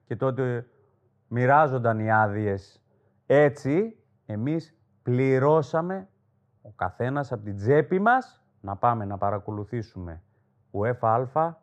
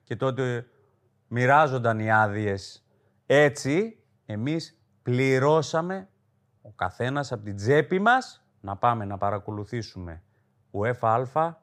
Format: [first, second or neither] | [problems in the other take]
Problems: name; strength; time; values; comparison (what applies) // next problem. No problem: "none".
second | muffled; slightly; fading above 2 kHz